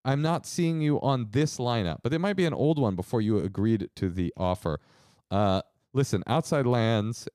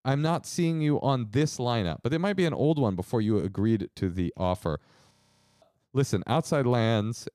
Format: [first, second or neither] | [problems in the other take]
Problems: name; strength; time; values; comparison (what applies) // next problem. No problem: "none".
first | audio freezing; at 5 s for 0.5 s